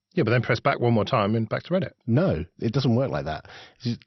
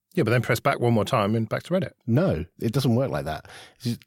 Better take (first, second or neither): second